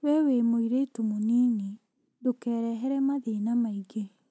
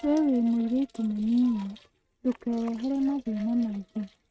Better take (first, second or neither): first